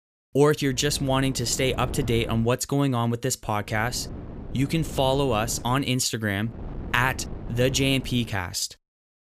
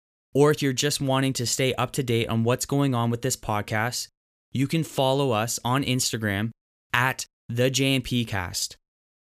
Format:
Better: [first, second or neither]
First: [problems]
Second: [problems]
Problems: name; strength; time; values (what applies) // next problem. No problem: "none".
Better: second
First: wind noise on the microphone; occasional gusts; from 0.5 to 2.5 s, from 3.5 to 6 s and from 6.5 to 8.5 s; 20 dB below the speech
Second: none